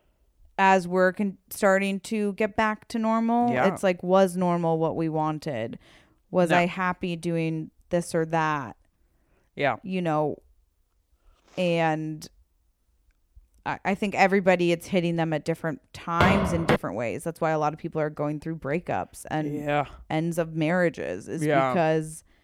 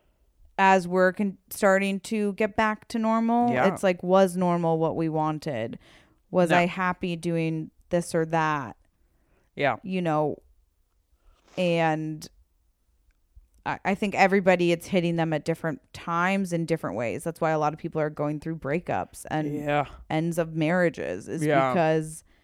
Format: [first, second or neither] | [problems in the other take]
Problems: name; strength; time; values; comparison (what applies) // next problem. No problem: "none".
second | footsteps; loud; at 16 s; peak 2 dB above the speech